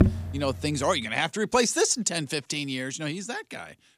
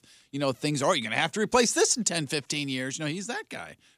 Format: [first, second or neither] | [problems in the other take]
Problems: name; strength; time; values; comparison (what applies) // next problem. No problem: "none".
second | alarms or sirens; loud; at the start; 6 dB below the speech